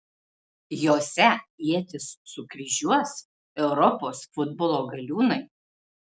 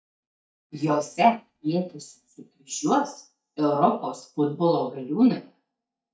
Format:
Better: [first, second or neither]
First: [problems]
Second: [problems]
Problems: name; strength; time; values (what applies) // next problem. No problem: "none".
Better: first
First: none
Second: noise reduction (neural mask model DeepFilterNet 3)